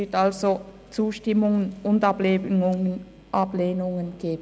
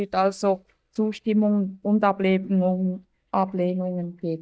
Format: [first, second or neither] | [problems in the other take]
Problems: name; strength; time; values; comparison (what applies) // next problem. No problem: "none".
first | noise reduction (neural mask model DeepFilterNet 3)